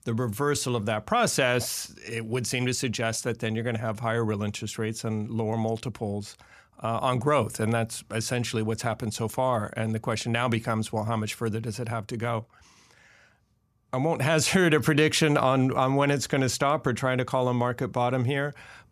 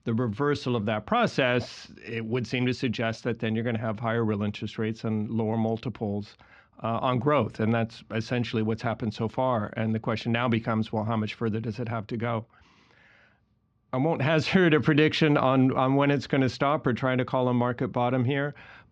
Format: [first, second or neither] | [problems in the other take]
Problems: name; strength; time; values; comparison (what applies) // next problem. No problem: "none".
first | muffled; slightly; fading above 4 kHz